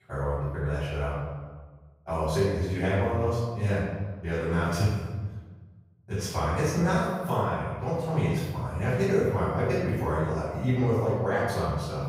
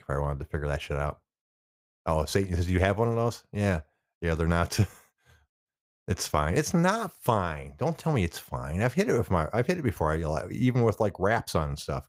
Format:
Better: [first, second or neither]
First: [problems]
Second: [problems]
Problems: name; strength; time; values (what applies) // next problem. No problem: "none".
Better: second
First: room echo; strong; dies away in 1.3 s // off-mic speech; far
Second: none